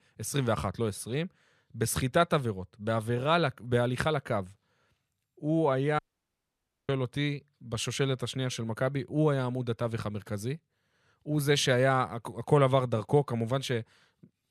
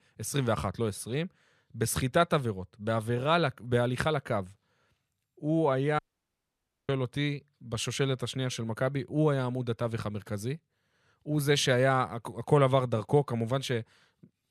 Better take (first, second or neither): neither